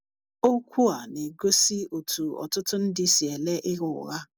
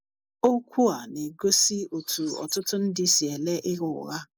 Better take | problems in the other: first | noise reduction (neural mask model Resemble Enhance denoiser)

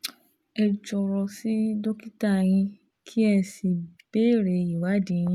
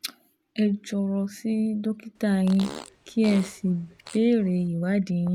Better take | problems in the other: first | background sound (Fart); 17 dB below the speech

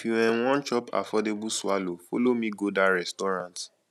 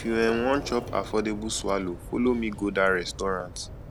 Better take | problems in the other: first | background sound (Sliding door); 13 dB below the speech

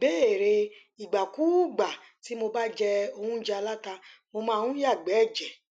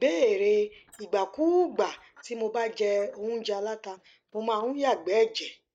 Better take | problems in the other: first | noise reduction (neural mask model DeepFilterNet 3)

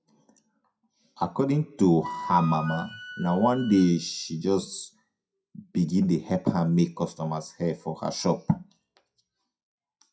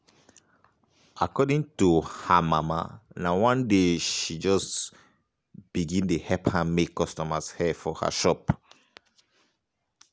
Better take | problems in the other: second | noise reduction (classical method WPE with log-MMSE)

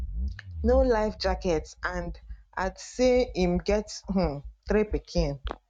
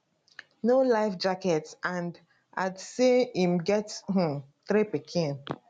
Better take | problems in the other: second | noise reduction (neural mask model RNNoise)

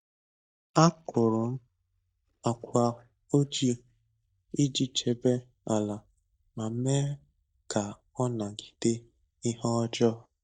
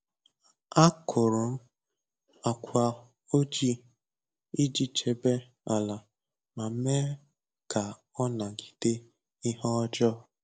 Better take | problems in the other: second | noise reduction (neural mask model DeepFilterNet 3)

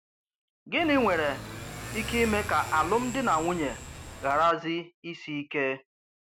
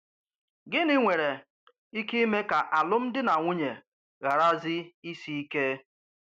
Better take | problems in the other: second | background sound (Motorcycle / Accelerating, revving, vroom); 10 dB below the speech

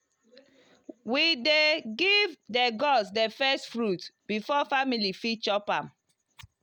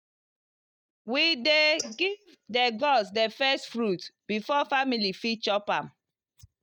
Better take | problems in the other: first | noise reduction (neural mask model DeepFilterNet 3)

